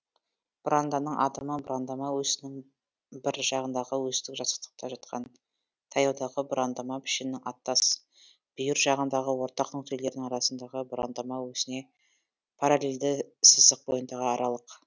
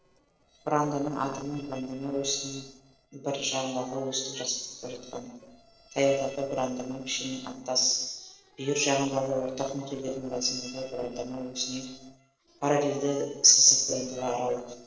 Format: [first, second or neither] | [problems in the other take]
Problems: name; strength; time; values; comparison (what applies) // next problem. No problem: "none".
first | noise reduction (neural separator model SepFormer DNS4)